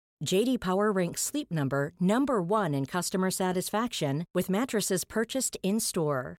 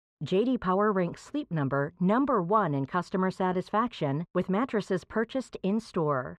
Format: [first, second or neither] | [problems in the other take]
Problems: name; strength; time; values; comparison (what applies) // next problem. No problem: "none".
first | muffled; very; fading above 2.5 kHz